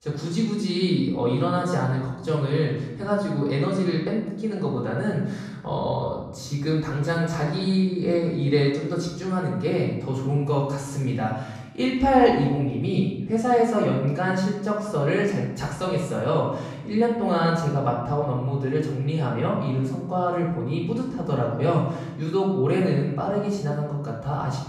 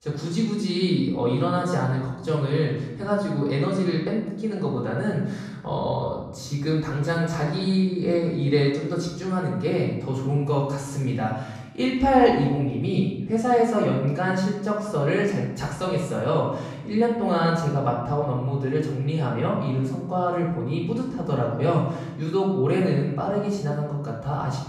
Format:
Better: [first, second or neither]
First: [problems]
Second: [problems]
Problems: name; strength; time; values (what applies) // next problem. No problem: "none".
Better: neither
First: room echo; noticeable; dies away in 1 s // off-mic speech; far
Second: room echo; noticeable; dies away in 1 s // off-mic speech; far